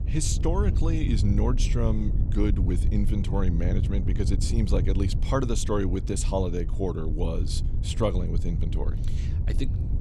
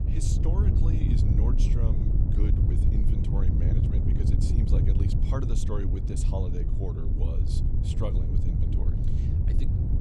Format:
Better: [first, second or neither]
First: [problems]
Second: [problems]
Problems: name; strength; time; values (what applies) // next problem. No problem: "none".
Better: first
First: wind noise on the microphone; occasional gusts; 10 dB below the speech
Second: wind noise on the microphone; heavy; 1 dB above the speech